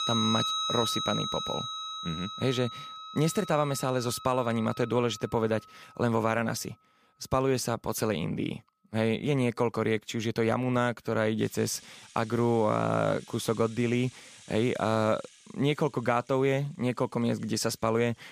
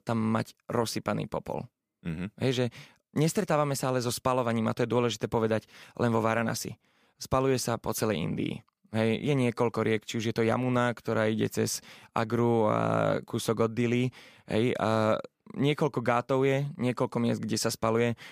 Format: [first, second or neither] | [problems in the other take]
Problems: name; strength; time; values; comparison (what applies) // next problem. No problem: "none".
second | background music; loud; throughout; 5 dB below the speech